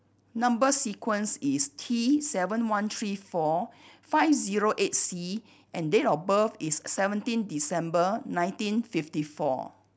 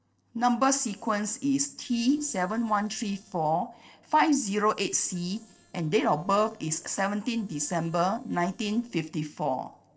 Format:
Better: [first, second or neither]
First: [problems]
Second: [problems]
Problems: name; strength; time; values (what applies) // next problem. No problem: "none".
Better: first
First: none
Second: noise reduction (neural separator model SepFormer DNS4)